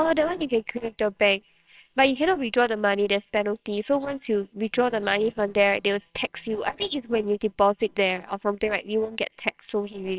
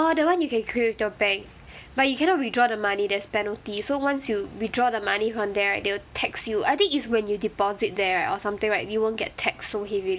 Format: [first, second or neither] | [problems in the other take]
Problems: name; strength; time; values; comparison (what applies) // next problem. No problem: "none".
second | noise reduction (neural separator model SepFormer WHAMR!)